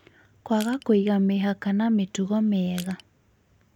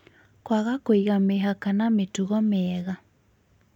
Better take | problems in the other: second | background sound (Crushing); 19 dB below the speech

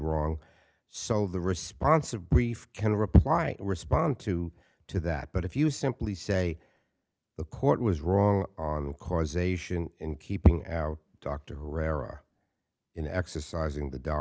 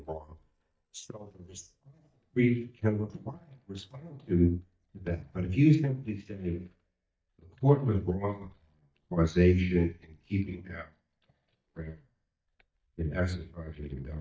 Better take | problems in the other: first | noise reduction (neural mask model DeepFilterNet 3)

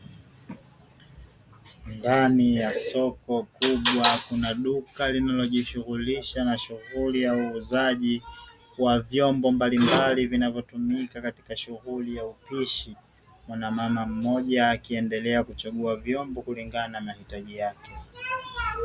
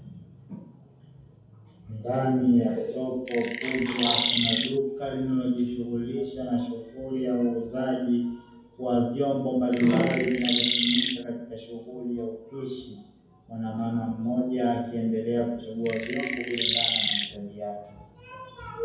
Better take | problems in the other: first | background sound (Chirp, tweet); 1 dB above the speech // room echo; dies away in 0.9 s

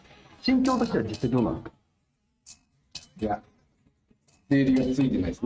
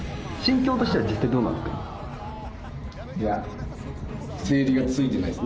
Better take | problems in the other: second | noise reduction (neural mask model RNNoise)

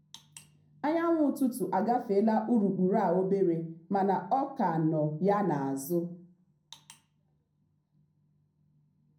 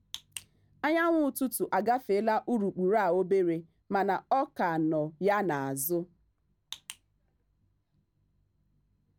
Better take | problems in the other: second | room echo; dies away in 0.5 s

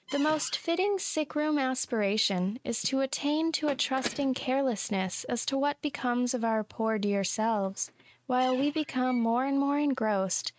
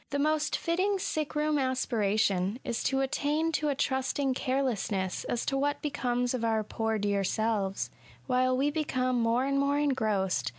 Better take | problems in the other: second | noise reduction (neural mask model RNNoise)

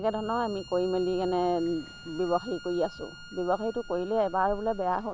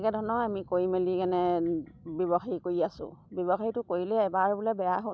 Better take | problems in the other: second | background sound (Accelerating, revving, vroom + Bowed string instrument); 17 dB below the speech

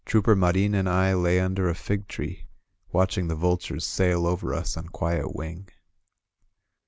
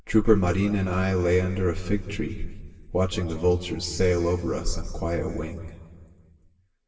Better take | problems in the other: first | room echo; dies away in 2 s

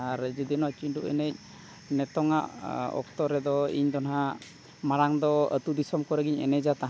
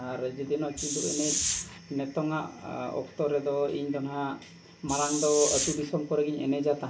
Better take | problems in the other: first | background sound (Hiss); 2 dB below the speech // room echo; dies away in 0.3 s

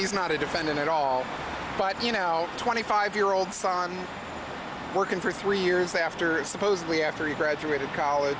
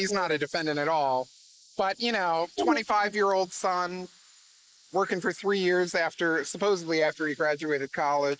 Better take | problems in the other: first | noise reduction (neural mask model Resemble Enhance denoiser)

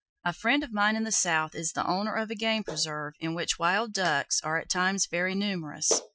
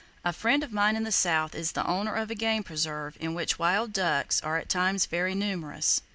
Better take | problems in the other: second | noise reduction (classical method Wiener filter)

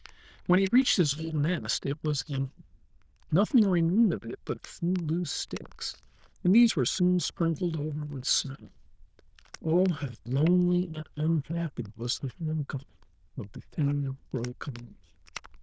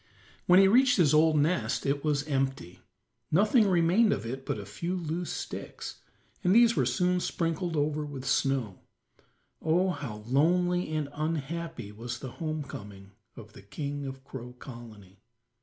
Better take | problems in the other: second | noise reduction (neural diffusion model UNIVERSE++)

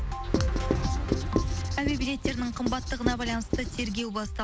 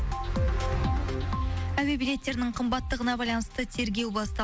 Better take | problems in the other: second | background sound (Writing); 2 dB below the speech

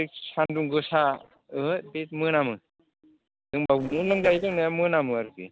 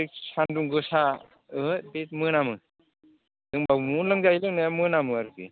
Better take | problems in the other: second | noise reduction (neural separator model SepFormer DNS4)

